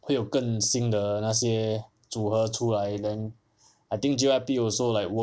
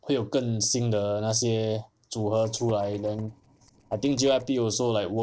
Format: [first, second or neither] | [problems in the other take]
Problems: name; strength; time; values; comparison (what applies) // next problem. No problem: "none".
first | noise reduction (neural separator model SepFormer DNS4)